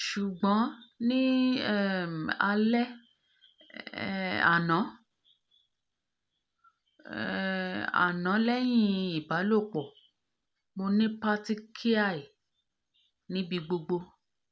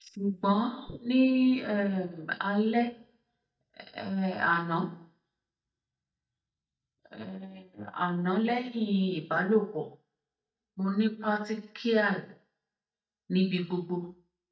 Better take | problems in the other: first | noise reduction (neural mask model DeepFilterNet 3)

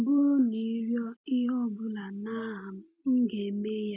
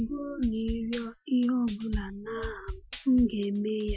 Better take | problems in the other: first | noise reduction (classical method Wiener filter)

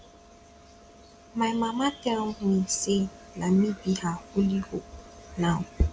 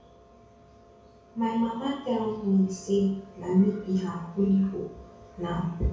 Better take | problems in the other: first | room echo; dies away in 0.6 s

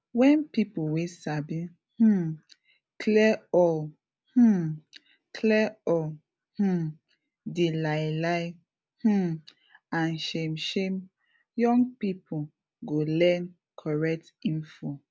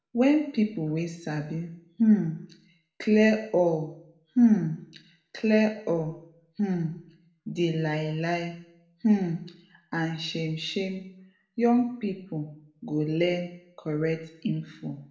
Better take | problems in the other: first | room echo; dies away in 0.6 s

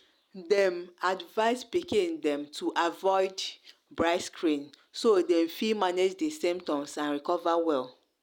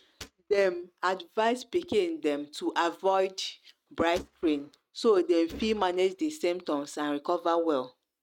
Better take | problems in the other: first | noise reduction (neural mask model RNNoise)

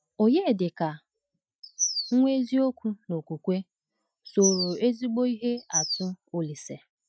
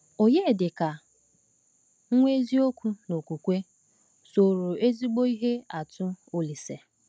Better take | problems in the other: second | noise reduction (classical method Wiener filter)

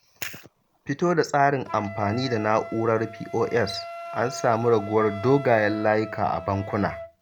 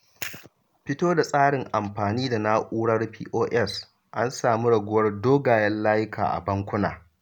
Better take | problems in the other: second | background sound (Wind instrument, woodwind instrument); 14 dB below the speech

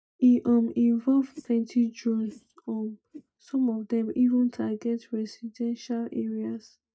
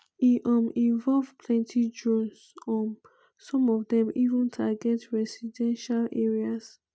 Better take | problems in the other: second | noise reduction (neural mask model DeepFilterNet 3)

